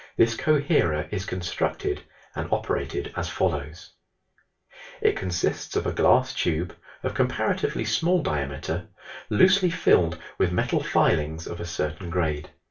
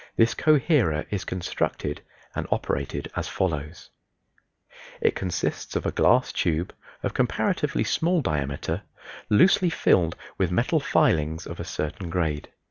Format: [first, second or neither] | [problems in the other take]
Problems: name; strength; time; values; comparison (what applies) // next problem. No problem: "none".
second | room echo; dies away in 0.2 s